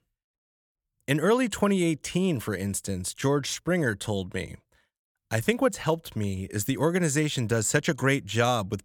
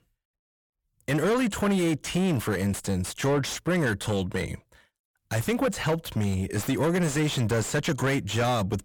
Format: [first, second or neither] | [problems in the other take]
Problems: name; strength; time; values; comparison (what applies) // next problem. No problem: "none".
first | distortion; heavy; 7 dB below the speech